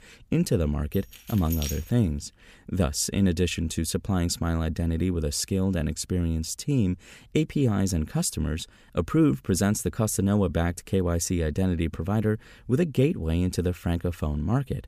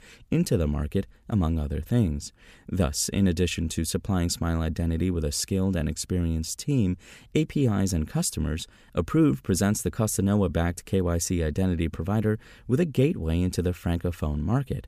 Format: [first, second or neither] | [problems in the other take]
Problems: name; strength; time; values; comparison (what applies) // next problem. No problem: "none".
second | jangling keys; noticeable; at 1 s; peak 7 dB below the speech